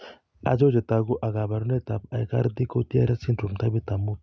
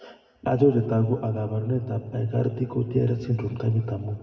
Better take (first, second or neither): first